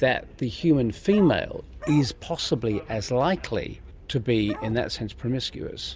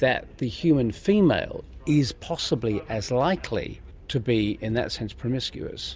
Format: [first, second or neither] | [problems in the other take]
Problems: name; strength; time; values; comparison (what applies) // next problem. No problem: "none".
second | background sound (Bark); 15 dB below the speech